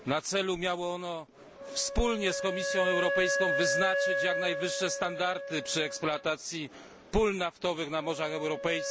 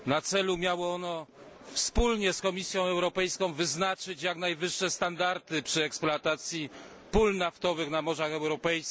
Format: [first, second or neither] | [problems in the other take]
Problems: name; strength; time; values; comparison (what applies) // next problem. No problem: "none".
second | background sound (Wind instrument, woodwind instrument); 3 dB below the speech